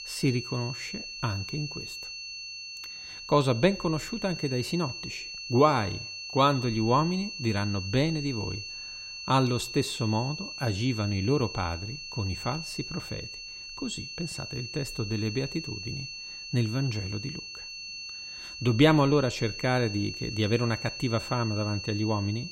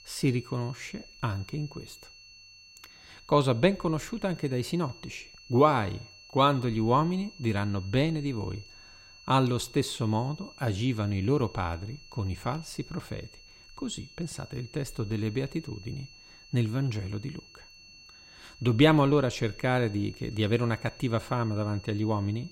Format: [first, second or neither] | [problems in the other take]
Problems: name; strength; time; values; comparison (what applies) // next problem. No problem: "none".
second | high-pitched whine; loud; throughout; 4.5 kHz, 8 dB below the speech; faint in the second